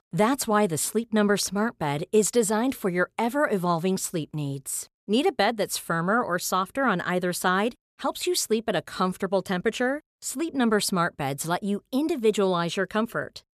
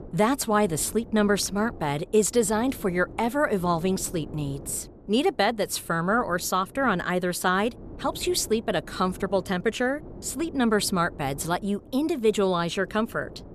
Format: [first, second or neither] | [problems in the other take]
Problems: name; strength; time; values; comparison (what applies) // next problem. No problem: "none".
first | wind noise on the microphone; occasional gusts; 20 dB below the speech